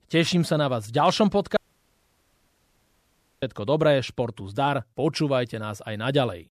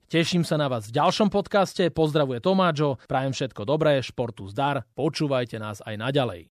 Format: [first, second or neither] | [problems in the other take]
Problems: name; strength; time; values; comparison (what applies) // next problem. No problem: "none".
second | audio cutting out; at 1.5 s for 2 s